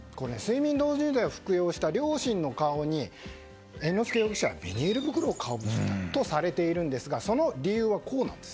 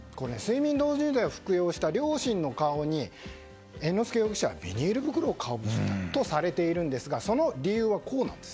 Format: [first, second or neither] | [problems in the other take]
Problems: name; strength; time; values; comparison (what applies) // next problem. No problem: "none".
second | background sound (Bird); 14 dB below the speech